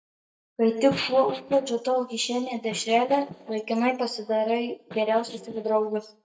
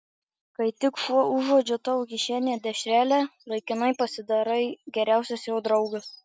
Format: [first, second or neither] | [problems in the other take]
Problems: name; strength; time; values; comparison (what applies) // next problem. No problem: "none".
second | noise reduction (neural mask model DeepFilterNet 3)